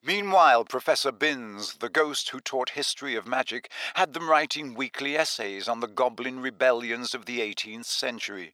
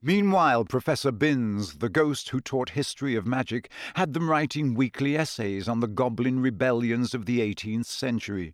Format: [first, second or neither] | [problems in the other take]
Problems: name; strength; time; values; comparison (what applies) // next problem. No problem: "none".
second | thin; very; fading below 600 Hz